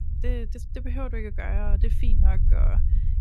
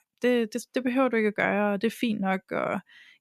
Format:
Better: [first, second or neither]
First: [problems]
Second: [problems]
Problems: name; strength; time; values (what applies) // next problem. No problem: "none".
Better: second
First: low rumble; loud; throughout; 7 dB below the speech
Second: none